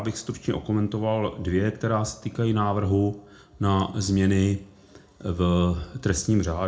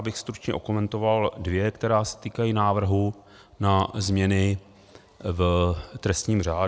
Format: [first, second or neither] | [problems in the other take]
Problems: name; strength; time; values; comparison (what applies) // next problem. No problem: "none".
second | room echo; dies away in 0.3 s